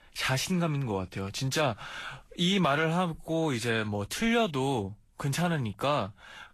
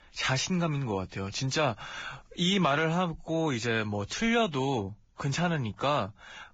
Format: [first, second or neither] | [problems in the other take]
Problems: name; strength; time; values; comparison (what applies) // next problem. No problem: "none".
first | garbled, watery; badly; nothing above 7.5 kHz; slightly in the first